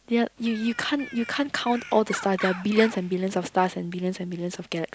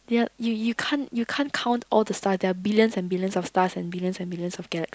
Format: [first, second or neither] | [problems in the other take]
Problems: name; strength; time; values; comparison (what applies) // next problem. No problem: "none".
second | background sound (Bird); 12 dB below the speech